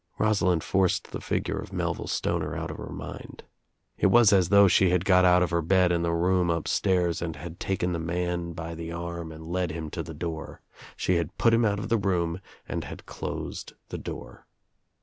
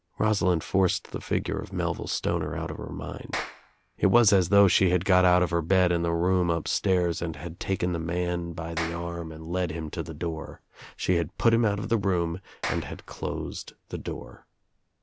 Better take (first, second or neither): first